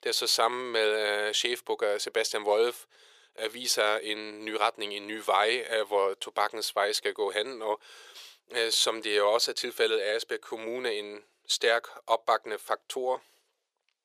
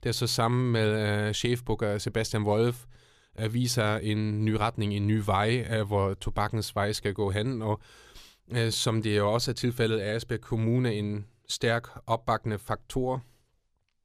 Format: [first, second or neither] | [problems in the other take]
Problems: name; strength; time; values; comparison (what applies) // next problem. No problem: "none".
second | thin; very; fading below 450 Hz